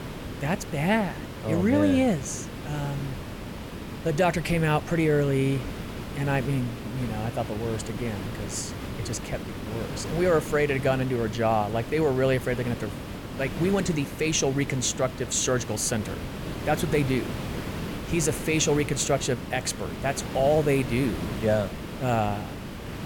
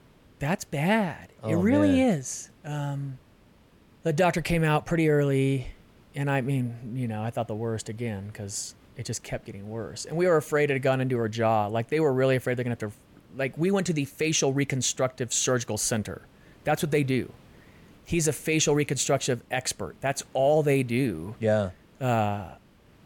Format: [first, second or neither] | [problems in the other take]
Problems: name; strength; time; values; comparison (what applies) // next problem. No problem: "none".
second | hiss; loud; throughout; 9 dB below the speech; faint in the second